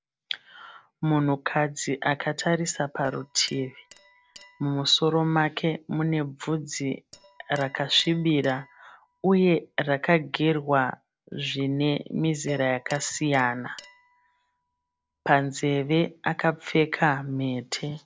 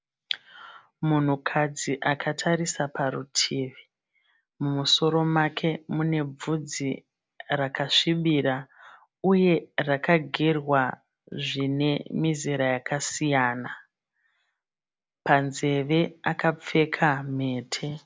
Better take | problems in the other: second | noise reduction (neural separator model SepFormer DNS4)

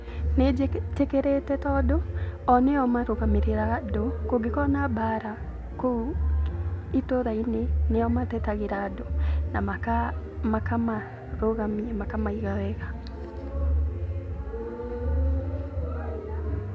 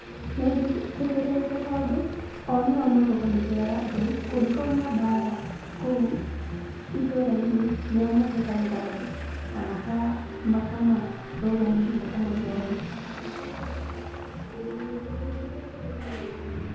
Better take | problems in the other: first | background sound (Traffic noise, roadway noise); 17 dB below the speech // room echo; dies away in 0.9 s

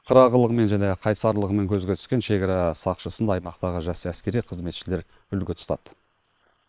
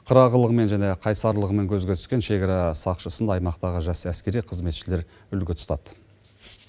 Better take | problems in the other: second | noise reduction (neural separator model SepFormer WHAM!)

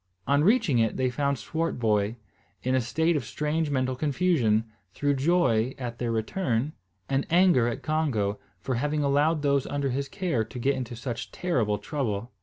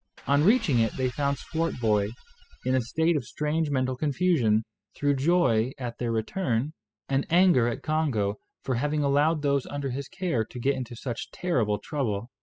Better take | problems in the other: first | noise reduction (classical method spectral subtraction)

